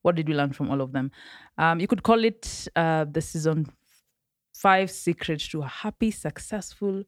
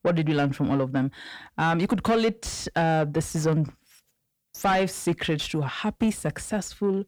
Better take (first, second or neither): first